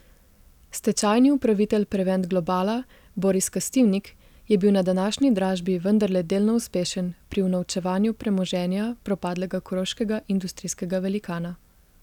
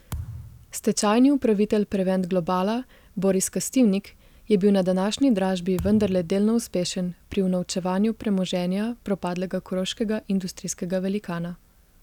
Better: first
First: none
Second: background sound (Thump, thud); 16 dB below the speech

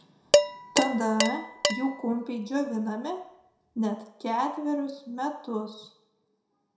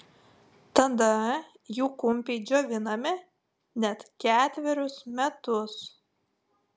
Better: second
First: background sound (Dishes, pots, and pans); 1 dB above the speech // room echo; dies away in 0.5 s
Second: none

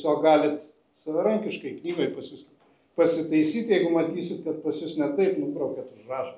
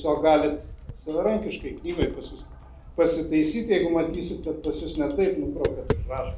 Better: first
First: none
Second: background sound (Tap); 10 dB below the speech

